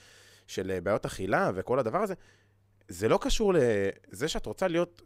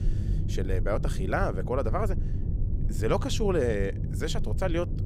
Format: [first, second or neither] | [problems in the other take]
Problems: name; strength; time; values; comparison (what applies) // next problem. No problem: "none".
first | low rumble; noticeable; throughout; 15 dB below the speech